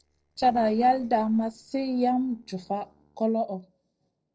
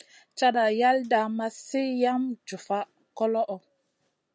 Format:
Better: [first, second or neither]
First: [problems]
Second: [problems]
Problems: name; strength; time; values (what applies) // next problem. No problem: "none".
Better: second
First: noise reduction (neural separator model SepFormer DNS4)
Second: none